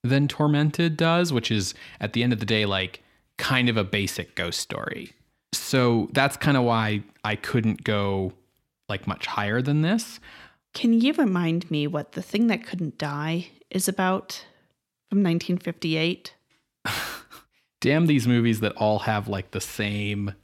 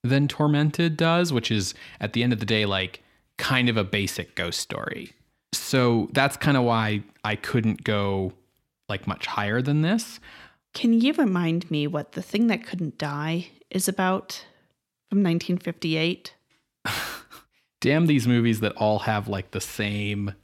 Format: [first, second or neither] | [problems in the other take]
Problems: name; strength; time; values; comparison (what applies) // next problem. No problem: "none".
neither | none